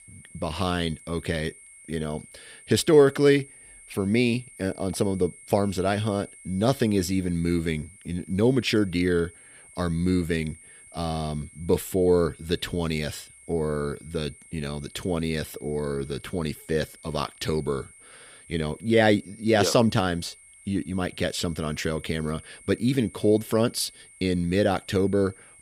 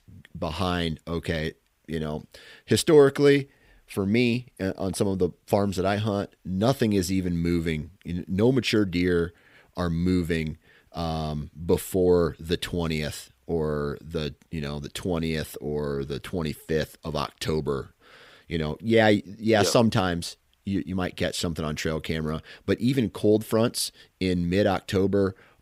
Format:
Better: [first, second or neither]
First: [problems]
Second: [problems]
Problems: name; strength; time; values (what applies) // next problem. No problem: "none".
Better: second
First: high-pitched whine; faint; throughout; 8.5 kHz, 20 dB below the speech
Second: none